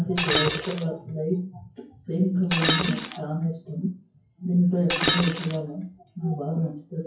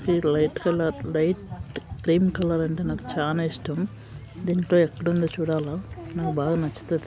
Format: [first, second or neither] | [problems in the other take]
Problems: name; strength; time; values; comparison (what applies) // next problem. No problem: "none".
second | noise reduction (classical method WPE with log-MMSE)